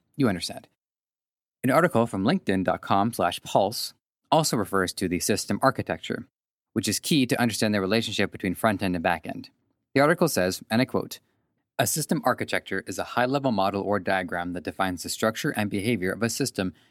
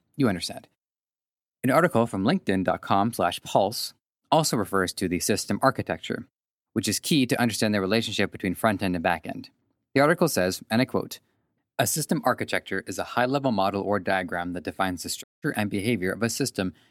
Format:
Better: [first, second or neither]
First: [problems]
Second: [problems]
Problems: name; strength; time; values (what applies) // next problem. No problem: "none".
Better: first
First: none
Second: audio cutting out; at 15 s